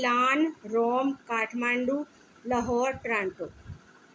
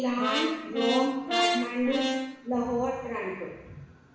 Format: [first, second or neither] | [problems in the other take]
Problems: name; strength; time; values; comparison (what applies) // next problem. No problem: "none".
first | background sound (Brass instrument); 1 dB below the speech // room echo; dies away in 1.1 s